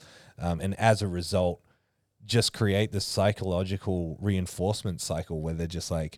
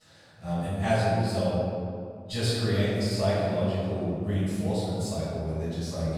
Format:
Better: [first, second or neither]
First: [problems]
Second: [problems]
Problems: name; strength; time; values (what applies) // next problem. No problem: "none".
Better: first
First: none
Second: room echo; strong; dies away in 2.1 s // off-mic speech; far